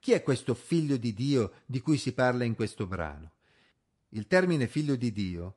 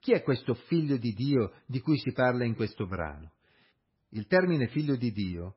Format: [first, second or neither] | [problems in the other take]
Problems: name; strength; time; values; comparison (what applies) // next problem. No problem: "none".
first | garbled, watery; badly; nothing above 5.5 kHz; slightly in the first